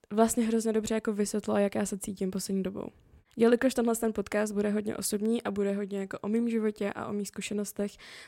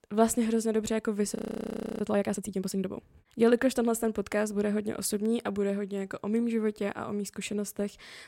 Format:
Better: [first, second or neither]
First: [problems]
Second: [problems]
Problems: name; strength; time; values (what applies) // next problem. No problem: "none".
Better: first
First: none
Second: audio freezing; at 1.5 s for 0.5 s